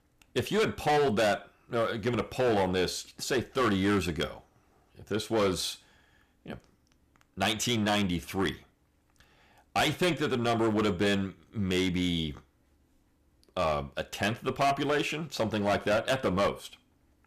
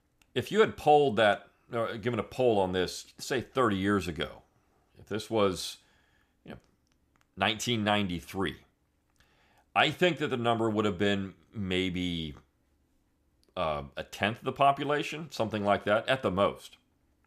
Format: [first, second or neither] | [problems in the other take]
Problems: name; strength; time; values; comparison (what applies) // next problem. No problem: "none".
second | distortion; heavy; 9% of the sound clipped